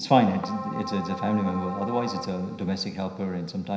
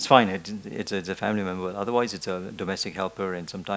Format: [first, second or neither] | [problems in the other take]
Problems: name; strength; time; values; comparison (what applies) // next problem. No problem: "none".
second | background sound (Keyboard (musical)); 9 dB below the speech // room echo; dies away in 0.9 s